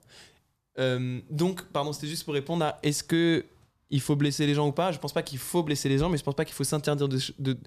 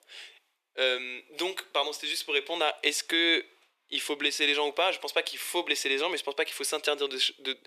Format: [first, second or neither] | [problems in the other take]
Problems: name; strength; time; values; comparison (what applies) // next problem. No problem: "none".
first | thin; very; fading below 350 Hz